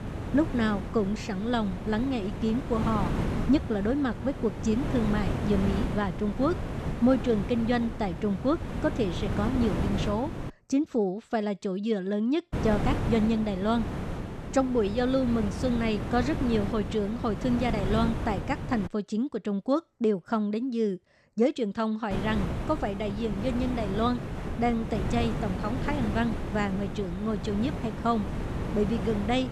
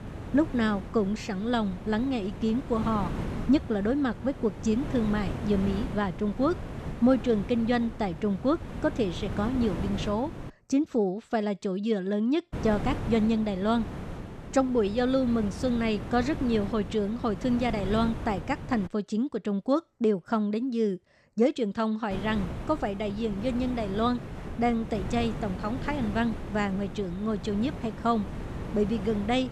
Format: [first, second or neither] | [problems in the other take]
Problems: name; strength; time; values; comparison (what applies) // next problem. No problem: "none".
second | wind noise on the microphone; heavy; until 11 s, from 13 to 19 s and from 22 s on; 7 dB below the speech; occasional gusts in the second